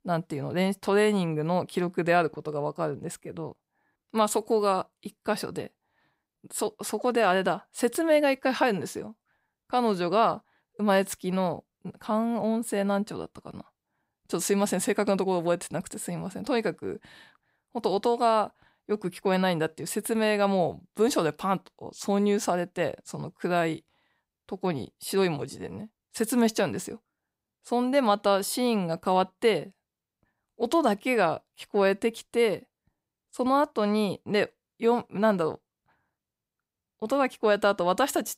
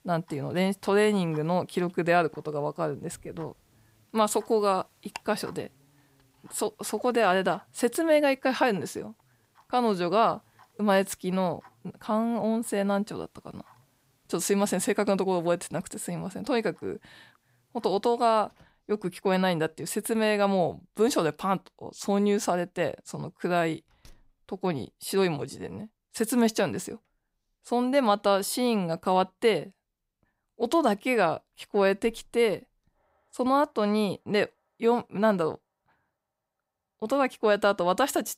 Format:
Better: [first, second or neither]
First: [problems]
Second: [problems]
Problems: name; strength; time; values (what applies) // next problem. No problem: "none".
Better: first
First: none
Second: household noises; faint; throughout; 30 dB below the speech